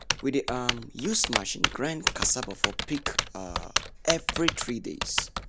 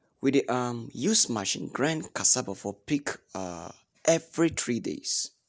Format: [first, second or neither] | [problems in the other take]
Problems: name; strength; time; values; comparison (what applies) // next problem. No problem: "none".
second | background sound (Typing); as loud as the speech